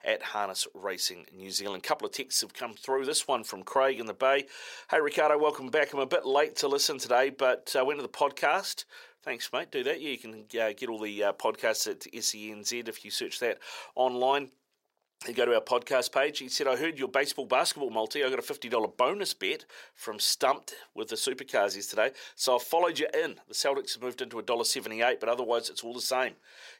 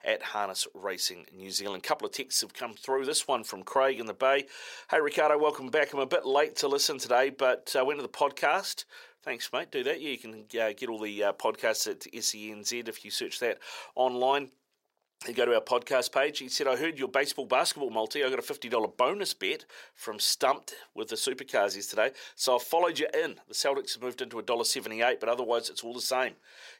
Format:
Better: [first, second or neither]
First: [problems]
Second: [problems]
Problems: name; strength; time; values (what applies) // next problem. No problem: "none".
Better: neither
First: thin; somewhat; fading below 500 Hz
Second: thin; somewhat; fading below 500 Hz